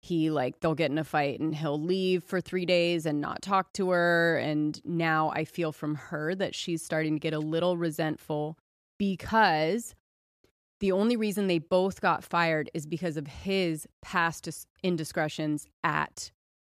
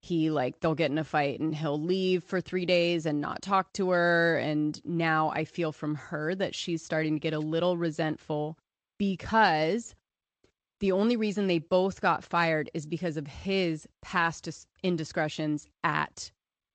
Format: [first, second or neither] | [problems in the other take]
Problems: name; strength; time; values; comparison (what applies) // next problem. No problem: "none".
first | garbled, watery; slightly; nothing above 8 kHz